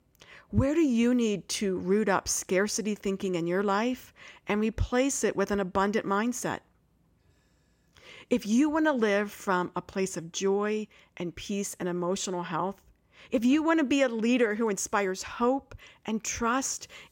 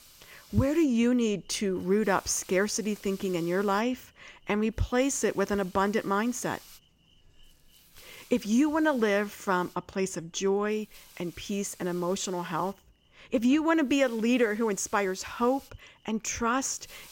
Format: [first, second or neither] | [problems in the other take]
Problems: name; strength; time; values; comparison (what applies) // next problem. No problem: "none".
first | hiss; faint; throughout; 25 dB below the speech